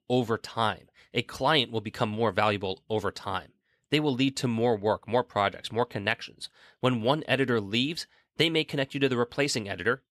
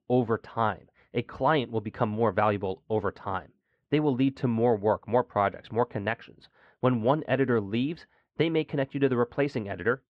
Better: first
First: none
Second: muffled; very; fading above 1.5 kHz

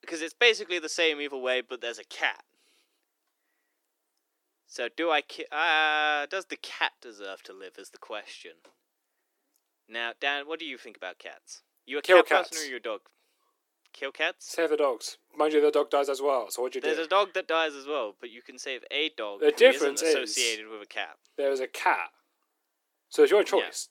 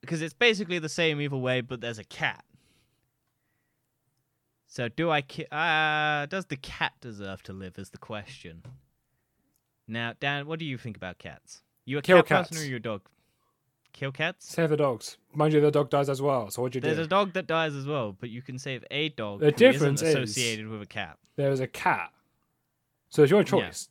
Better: second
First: thin; somewhat; fading below 300 Hz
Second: none

